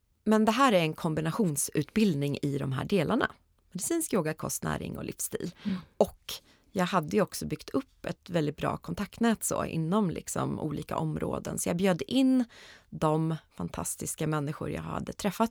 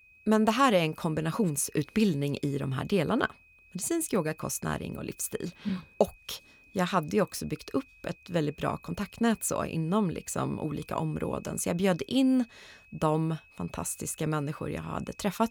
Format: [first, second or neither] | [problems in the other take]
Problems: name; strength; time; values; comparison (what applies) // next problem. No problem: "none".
first | high-pitched whine; faint; throughout; 2.5 kHz, 25 dB below the speech